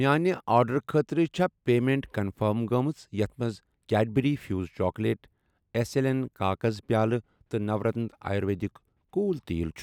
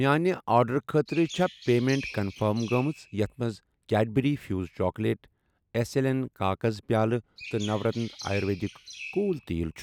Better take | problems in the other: first | background sound (Chirp, tweet); 16 dB below the speech

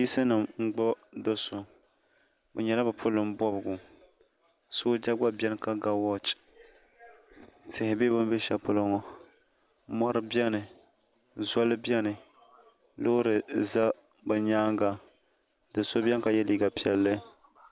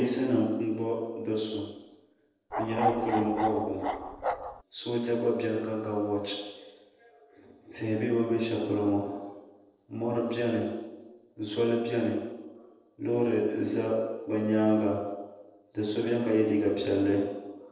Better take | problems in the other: first | noise reduction (neural separator model SepFormer DNS4)

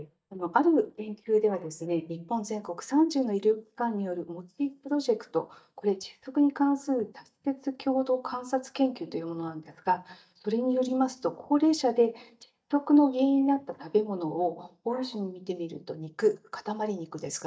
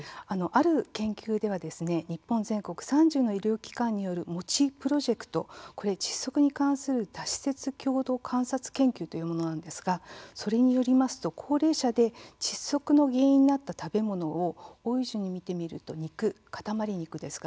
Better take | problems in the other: second | noise reduction (neural mask model DeepFilterNet 3)

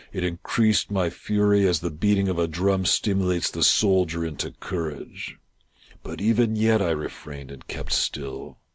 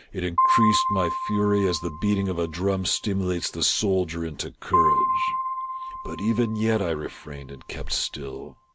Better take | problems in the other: first | background sound (Piano); 2 dB below the speech

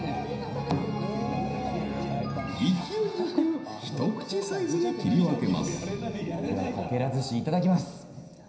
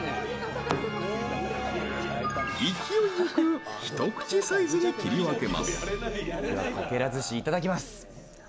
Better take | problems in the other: second | room echo; dies away in 0.9 s

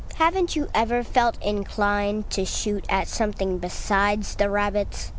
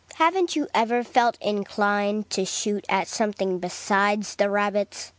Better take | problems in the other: second | background sound (Bird); 8 dB below the speech

